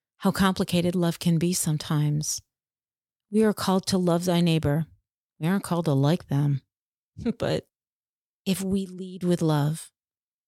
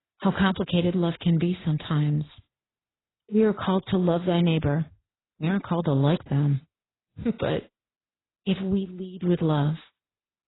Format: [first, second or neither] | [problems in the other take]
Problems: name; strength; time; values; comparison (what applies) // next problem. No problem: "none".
first | garbled, watery; badly; nothing above 4 kHz